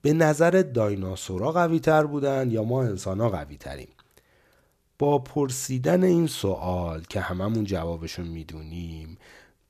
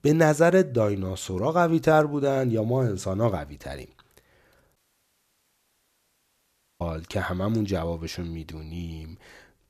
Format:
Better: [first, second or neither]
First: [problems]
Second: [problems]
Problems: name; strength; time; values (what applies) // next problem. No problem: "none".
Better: first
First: none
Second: audio cutting out; at 5 s for 2 s